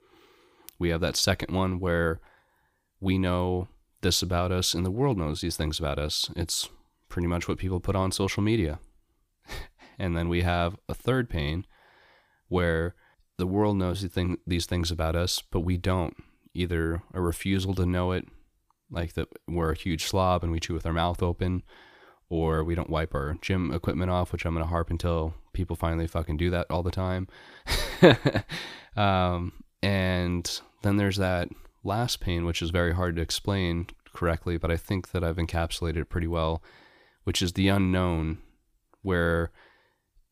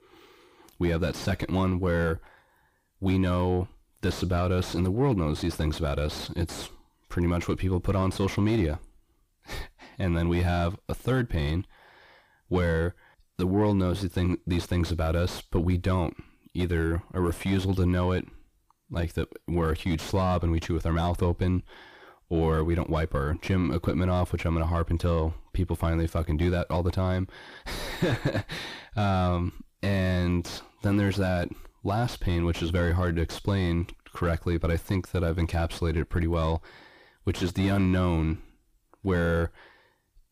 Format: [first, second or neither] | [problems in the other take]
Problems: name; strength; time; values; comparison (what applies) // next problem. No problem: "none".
first | distortion; heavy; 7 dB below the speech